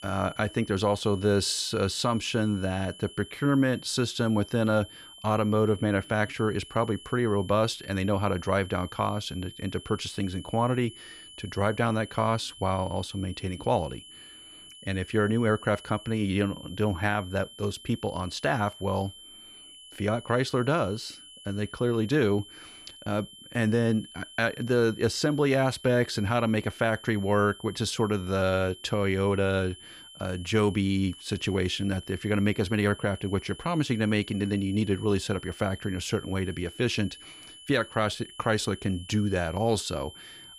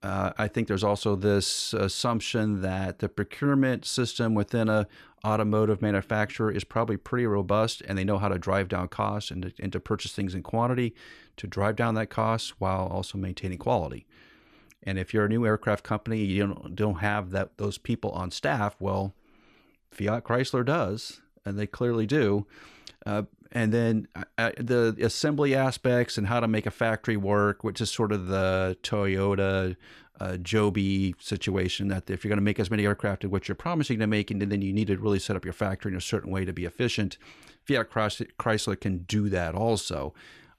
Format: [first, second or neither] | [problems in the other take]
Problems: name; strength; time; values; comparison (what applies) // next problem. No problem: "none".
second | high-pitched whine; noticeable; throughout; 3 kHz, 20 dB below the speech